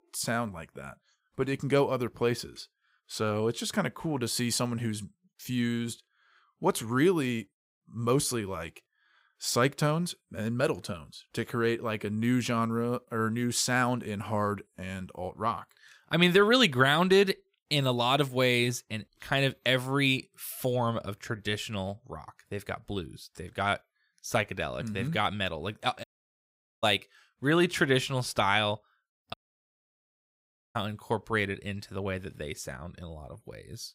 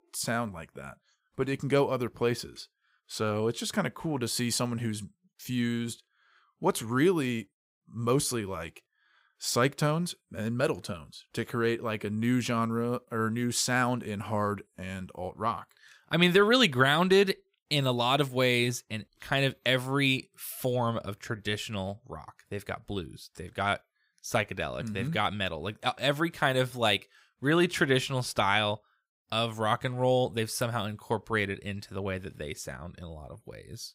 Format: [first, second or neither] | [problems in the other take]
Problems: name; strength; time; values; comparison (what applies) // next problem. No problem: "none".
second | audio cutting out; at 26 s for 1 s and at 29 s for 1.5 s